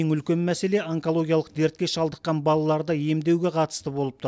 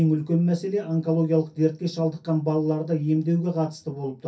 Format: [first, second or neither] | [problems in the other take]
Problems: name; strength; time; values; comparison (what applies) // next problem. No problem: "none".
first | room echo; dies away in 0.3 s